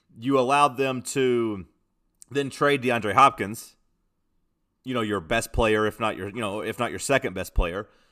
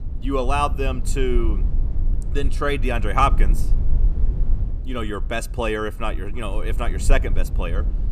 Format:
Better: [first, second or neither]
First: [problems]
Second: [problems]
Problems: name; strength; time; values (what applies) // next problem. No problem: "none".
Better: first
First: none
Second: low rumble; noticeable; throughout; 20 dB below the speech